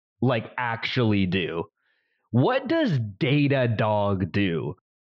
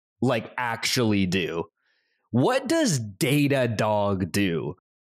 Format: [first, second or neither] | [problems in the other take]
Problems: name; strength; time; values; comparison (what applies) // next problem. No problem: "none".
second | muffled; slightly; fading above 4 kHz